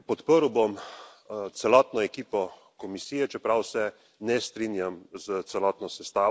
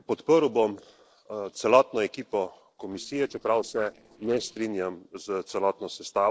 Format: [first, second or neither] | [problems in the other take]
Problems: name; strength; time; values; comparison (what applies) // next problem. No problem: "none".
first | noise reduction (neural separator model SepFormer DNS4)